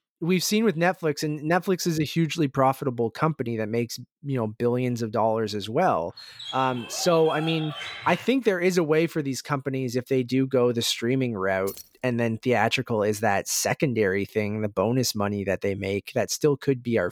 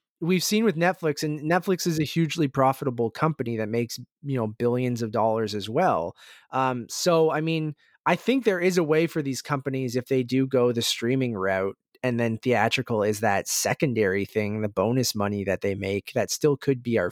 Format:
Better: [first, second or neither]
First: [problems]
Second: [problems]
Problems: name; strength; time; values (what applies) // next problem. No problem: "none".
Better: second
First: dog barking; noticeable; from 6 to 8.5 s; peak 8 dB below the speech // jangling keys; faint; at 12 s; peak 15 dB below the speech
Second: none